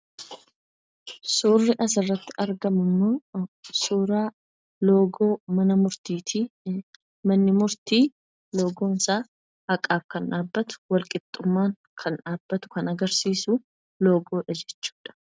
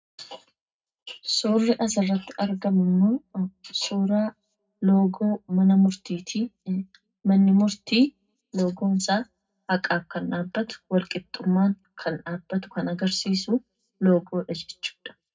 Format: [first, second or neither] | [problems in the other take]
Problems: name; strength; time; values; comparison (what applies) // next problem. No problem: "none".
first | room echo; dies away in 0.3 s